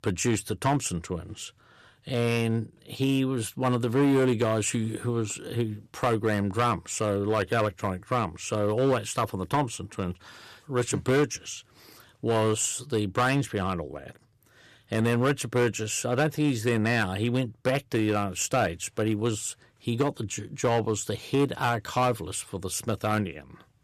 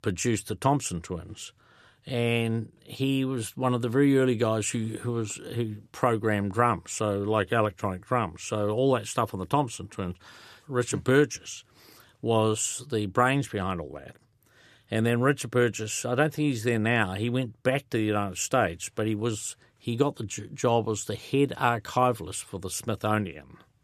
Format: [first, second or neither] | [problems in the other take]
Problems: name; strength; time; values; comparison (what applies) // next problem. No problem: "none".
second | distortion; slight; 5% of the sound clipped